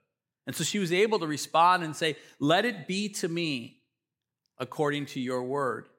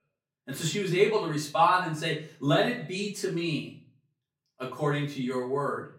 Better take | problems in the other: first | off-mic speech; far // room echo; slight; dies away in 0.3 s

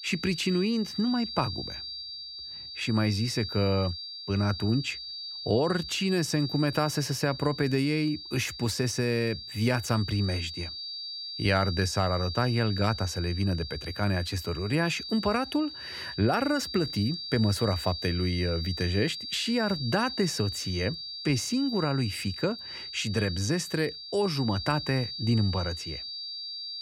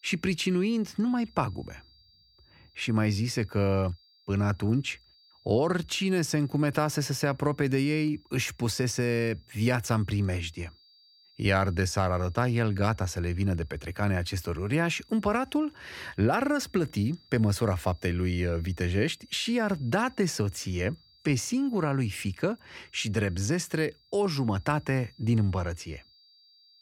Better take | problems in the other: second | high-pitched whine; loud; throughout; 4.5 kHz, 7 dB below the speech; faint in the second

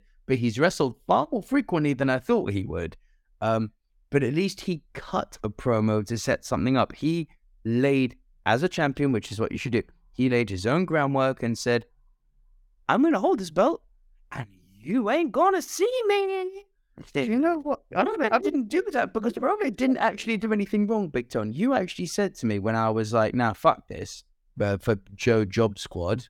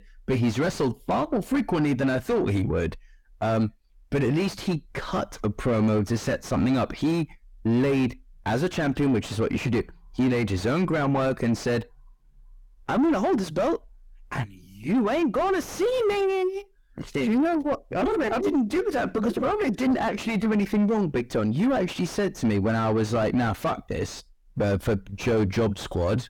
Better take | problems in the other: first | distortion; heavy; 5 dB below the speech

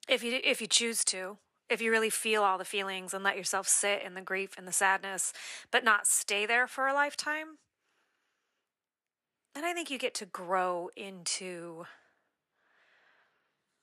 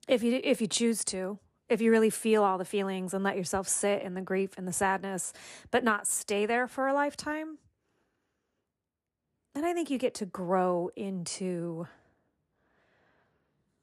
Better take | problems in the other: second | thin; somewhat; fading below 1 kHz

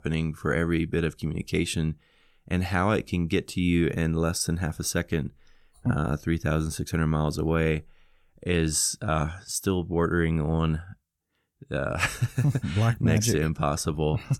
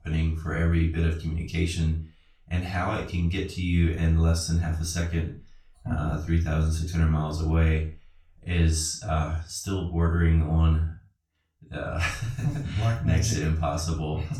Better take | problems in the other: first | room echo; noticeable; dies away in 0.3 s // off-mic speech; far

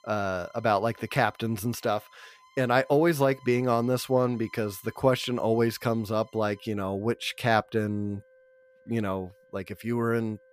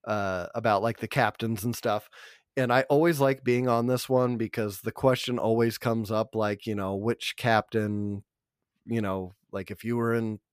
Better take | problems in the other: second | background music; faint; throughout; 30 dB below the speech

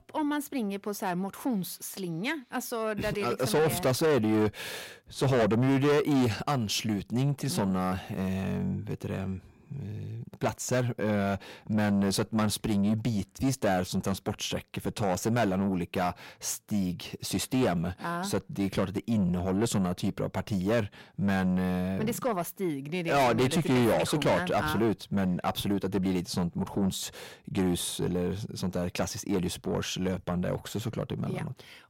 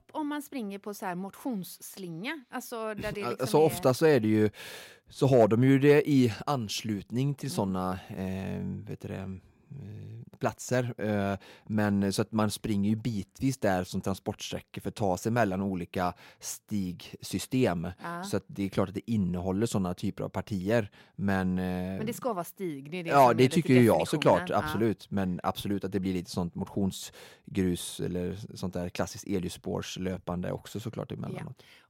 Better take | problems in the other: second | distortion; heavy; 7 dB below the speech

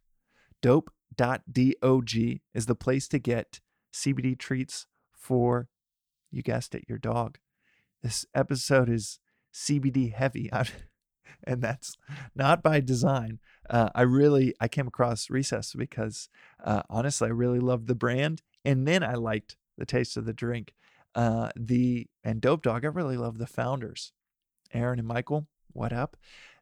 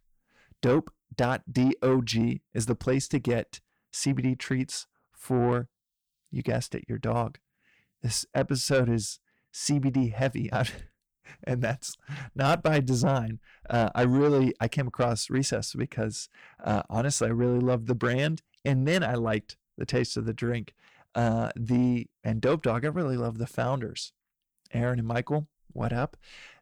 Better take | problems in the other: first | distortion; slight; 10 dB below the speech

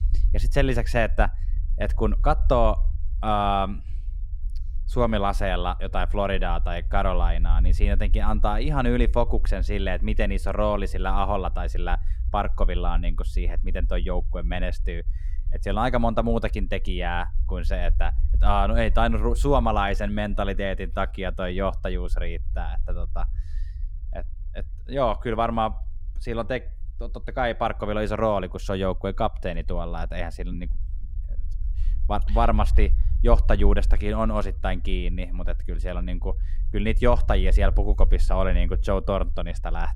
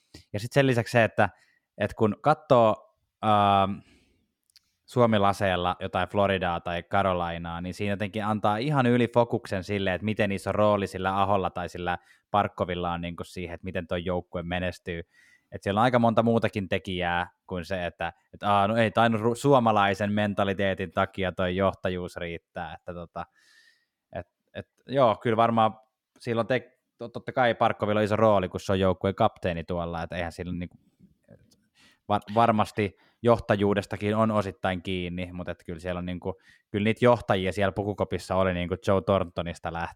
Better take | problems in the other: second | low rumble; faint; throughout; 25 dB below the speech

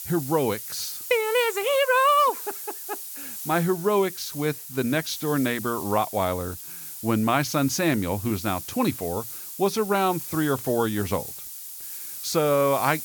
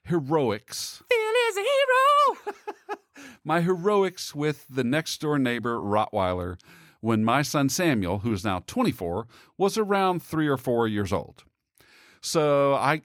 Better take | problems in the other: second | hiss; loud; throughout; 10 dB below the speech

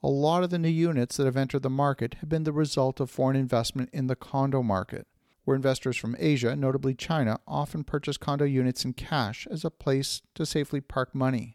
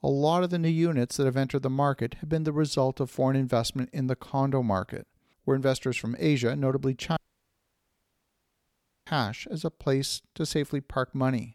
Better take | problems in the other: first | audio cutting out; at 7 s for 2 s

